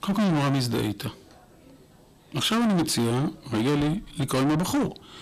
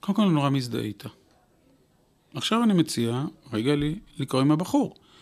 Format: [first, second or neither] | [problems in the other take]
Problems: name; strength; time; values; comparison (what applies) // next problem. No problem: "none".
second | distortion; heavy; 6 dB below the speech